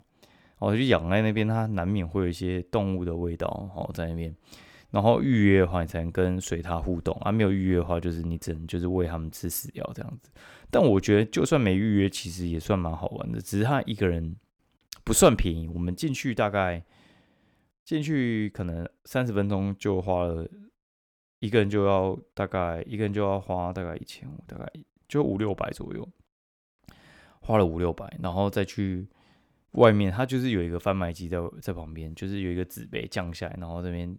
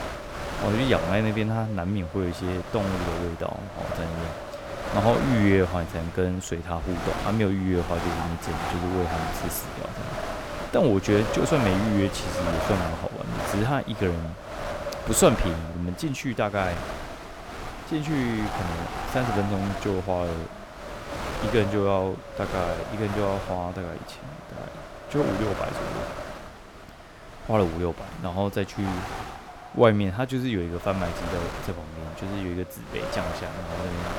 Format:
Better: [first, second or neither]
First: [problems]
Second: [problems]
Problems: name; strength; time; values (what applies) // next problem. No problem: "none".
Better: first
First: none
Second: wind noise on the microphone; heavy; 4 dB below the speech